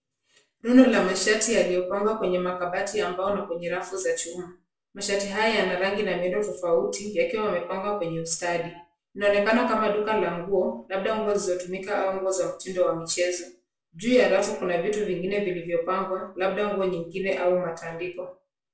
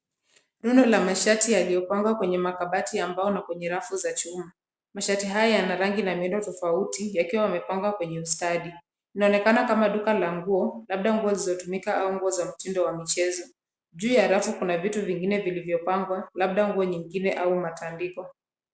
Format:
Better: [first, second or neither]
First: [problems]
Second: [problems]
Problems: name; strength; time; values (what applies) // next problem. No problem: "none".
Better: second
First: room echo; dies away in 0.3 s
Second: none